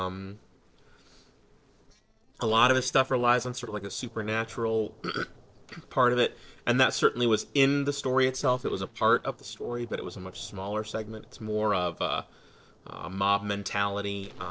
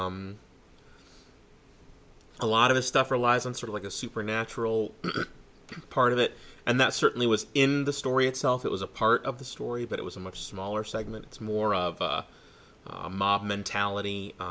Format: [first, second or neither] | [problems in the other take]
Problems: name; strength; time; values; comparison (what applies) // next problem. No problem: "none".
second | noise reduction (neural separator model SepFormer DNS4)